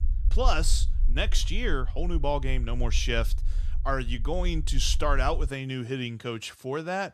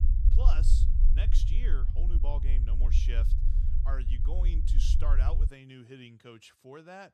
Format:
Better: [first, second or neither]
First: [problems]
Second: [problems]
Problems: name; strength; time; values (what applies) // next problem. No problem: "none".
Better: first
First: low rumble; faint; until 5.5 s; 20 dB below the speech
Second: low rumble; loud; until 5.5 s; 5 dB below the speech